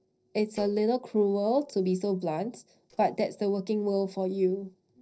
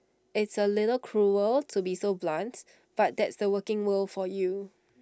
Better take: second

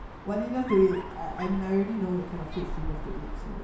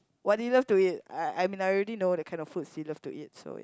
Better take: second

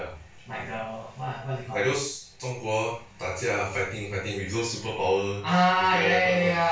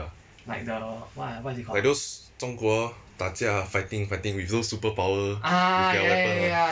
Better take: second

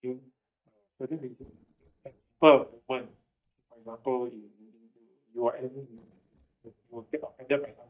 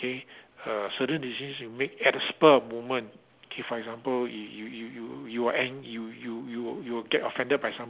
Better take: second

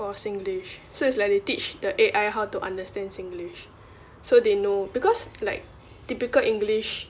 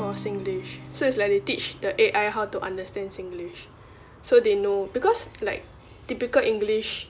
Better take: first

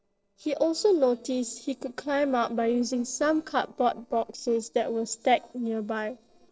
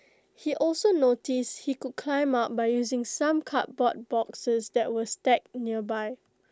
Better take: second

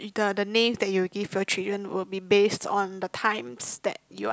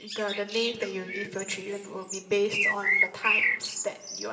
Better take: first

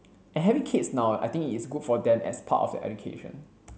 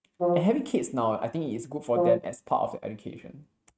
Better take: first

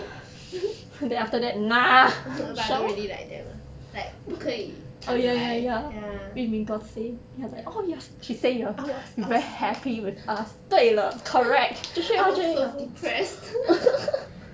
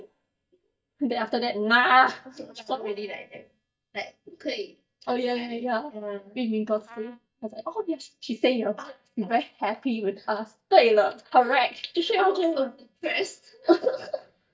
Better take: first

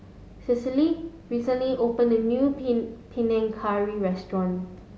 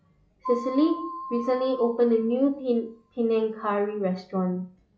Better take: first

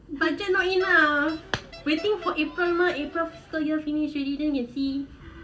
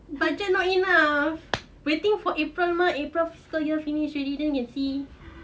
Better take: second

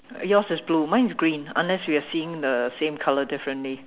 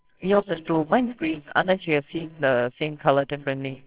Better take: first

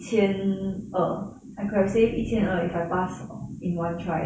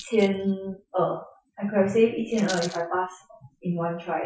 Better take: first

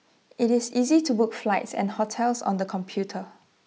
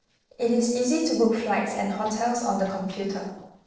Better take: first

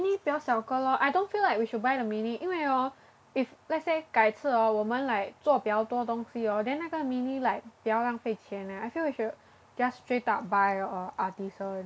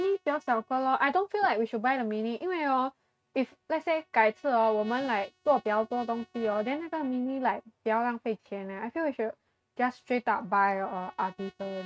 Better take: first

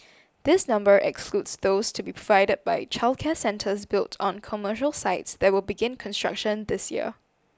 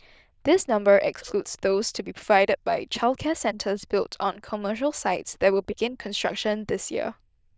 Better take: first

